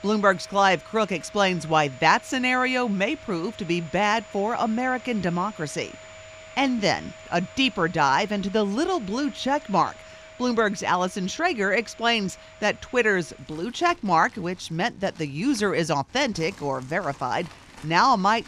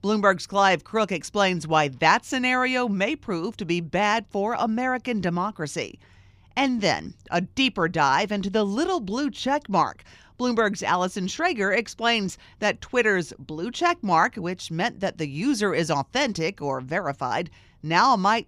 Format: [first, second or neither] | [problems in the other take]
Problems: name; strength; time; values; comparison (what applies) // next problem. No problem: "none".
second | household noises; faint; throughout; 20 dB below the speech